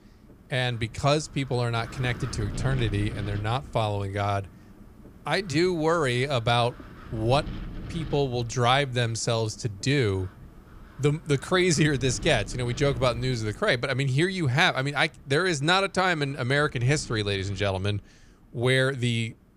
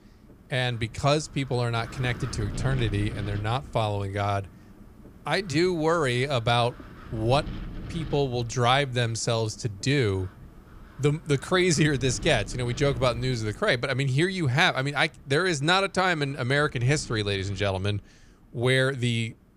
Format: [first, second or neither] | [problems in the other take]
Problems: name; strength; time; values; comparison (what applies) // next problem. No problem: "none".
neither | wind noise on the microphone; occasional gusts; 20 dB below the speech; the same in both